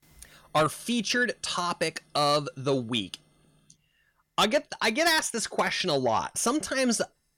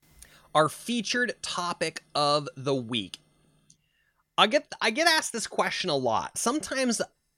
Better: second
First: distortion; slight; 10 dB below the speech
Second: none

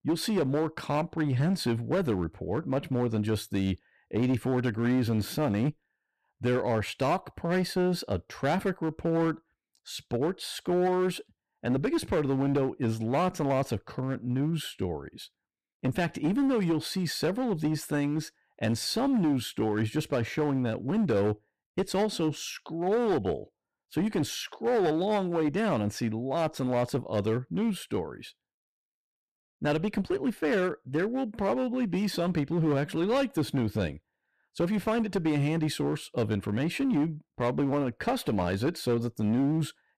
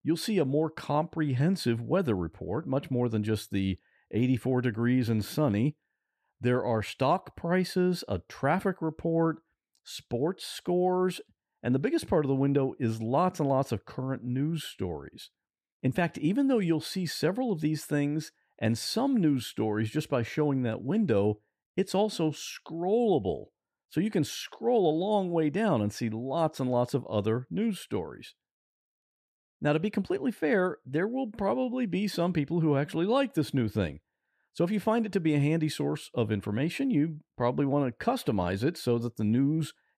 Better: second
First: distortion; slight; 10% of the sound clipped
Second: none

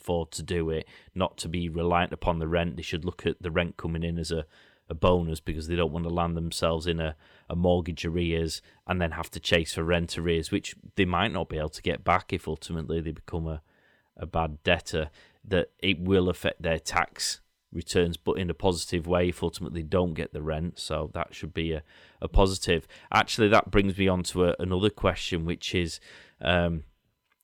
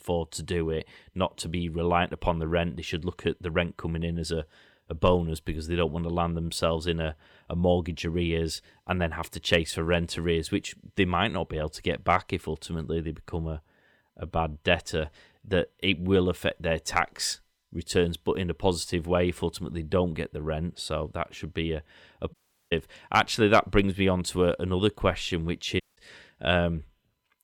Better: first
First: none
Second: audio cutting out; at 22 s and at 26 s

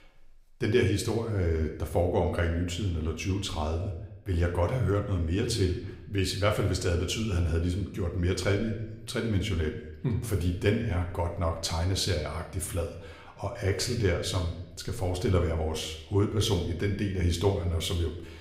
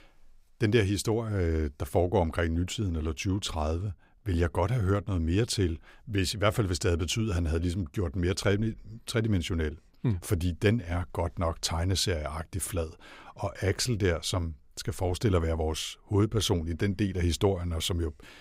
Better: second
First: room echo; slight; dies away in 0.7 s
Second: none

